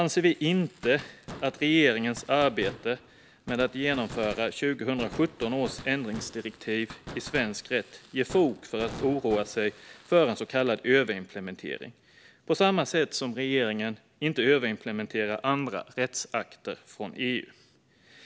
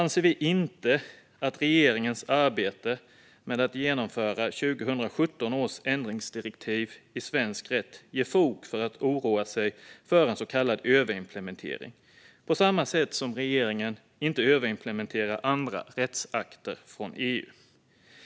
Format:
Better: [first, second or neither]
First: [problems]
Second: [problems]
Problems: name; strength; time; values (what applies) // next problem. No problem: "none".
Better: second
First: background sound (Fireworks); 19 dB below the speech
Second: none